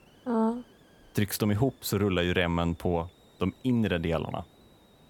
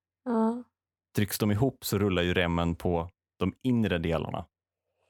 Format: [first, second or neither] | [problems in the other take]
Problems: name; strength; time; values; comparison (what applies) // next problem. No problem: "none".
second | hiss; faint; throughout; 30 dB below the speech